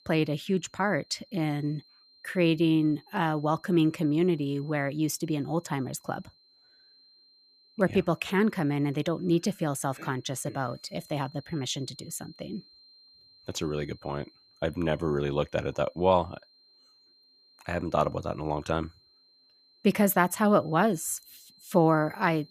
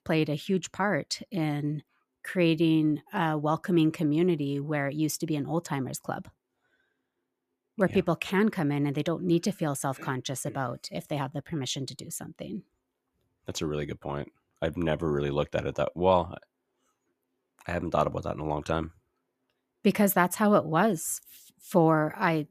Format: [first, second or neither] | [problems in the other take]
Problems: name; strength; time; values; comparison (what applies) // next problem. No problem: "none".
second | high-pitched whine; faint; throughout; 4 kHz, 30 dB below the speech